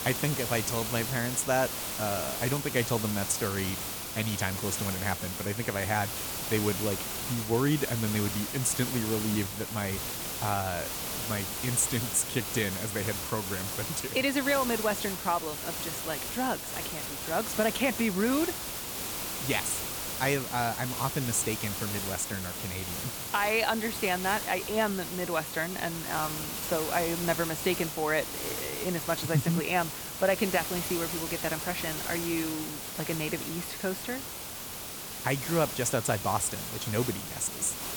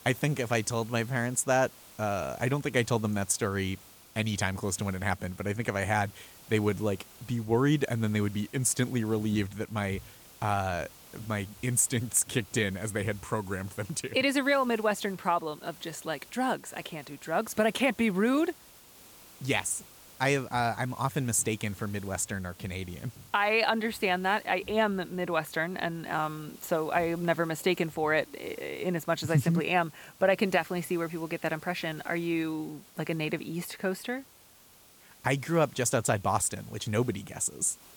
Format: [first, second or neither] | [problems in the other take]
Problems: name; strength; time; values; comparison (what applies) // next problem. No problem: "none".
second | hiss; loud; throughout; 3 dB below the speech; faint in the second